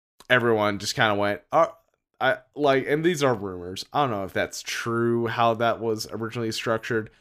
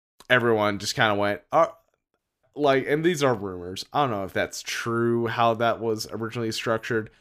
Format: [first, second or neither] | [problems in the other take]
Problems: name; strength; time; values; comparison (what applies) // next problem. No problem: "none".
first | audio cutting out; at 2 s